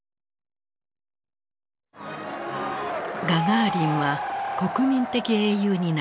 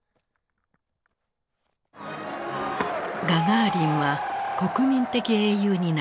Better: first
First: none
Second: background sound (Skateboard); 20 dB below the speech

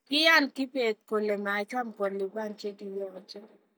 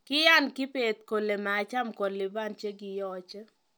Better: second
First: noise reduction (neural mask model DeepFilterNet 3)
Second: none

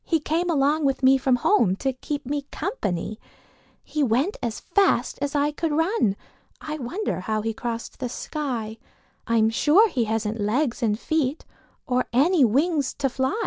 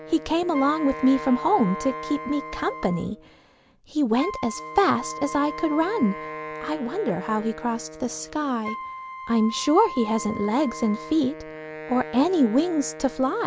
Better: first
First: none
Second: background sound (Wind instrument, woodwind instrument + Wind instrument, woodwind instrument); 11 dB below the speech

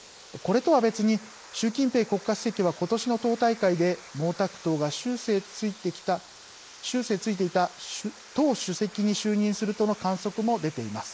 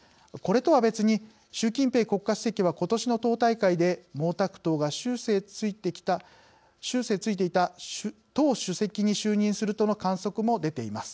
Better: second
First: noise reduction (neural mask model Resemble Enhance denoiser)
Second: none

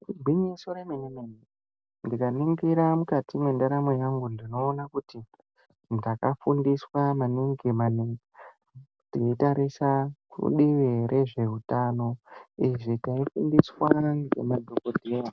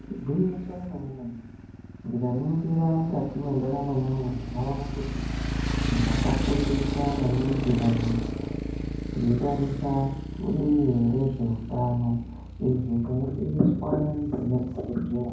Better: first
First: none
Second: background sound (Motorcycle); 5 dB below the speech // room echo; dies away in 0.9 s

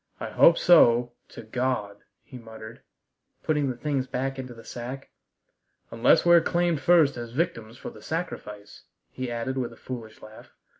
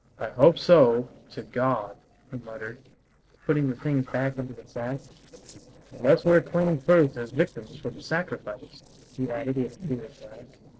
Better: first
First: none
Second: noise reduction (neural separator model SepFormer DNS4)

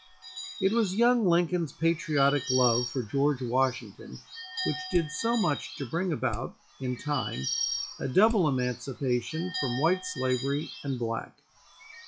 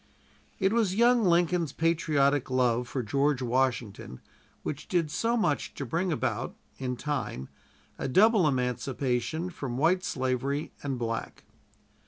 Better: second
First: noise reduction (classical method log-MMSE)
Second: none

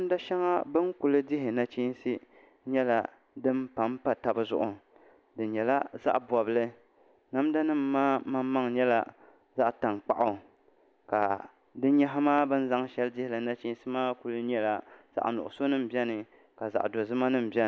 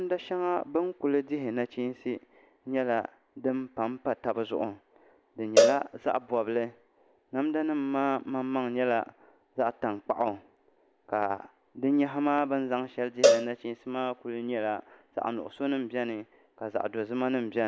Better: first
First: none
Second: background sound (Cowbell); 2 dB above the speech

